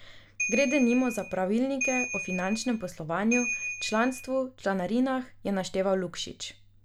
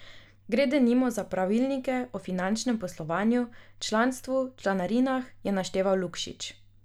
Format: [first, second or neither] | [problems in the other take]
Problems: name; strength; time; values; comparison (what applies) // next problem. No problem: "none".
second | background sound (Ringtone / Bell); 5 dB below the speech